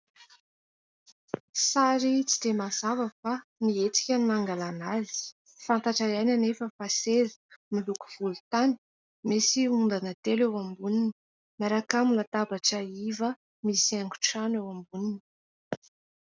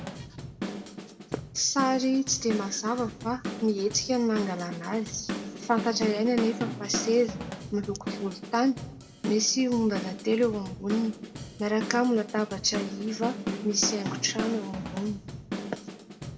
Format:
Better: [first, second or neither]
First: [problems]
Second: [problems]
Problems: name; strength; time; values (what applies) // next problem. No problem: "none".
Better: first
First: none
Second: background sound (Drum / Drum kit); 8 dB below the speech // room echo; dies away in 1.9 s